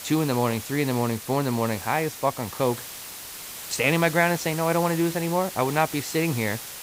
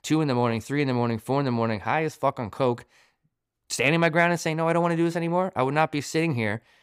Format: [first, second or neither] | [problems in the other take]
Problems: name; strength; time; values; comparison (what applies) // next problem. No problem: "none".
second | hiss; noticeable; throughout; 10 dB below the speech